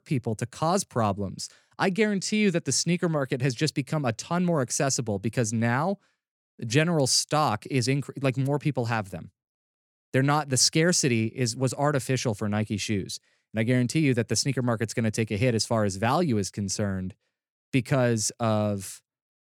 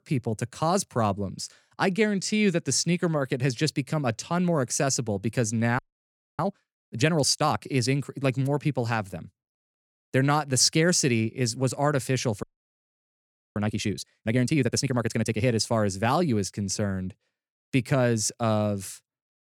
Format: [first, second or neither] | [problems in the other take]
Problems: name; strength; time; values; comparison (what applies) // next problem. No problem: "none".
first | audio freezing; at 6 s for 0.5 s and at 12 s for 1 s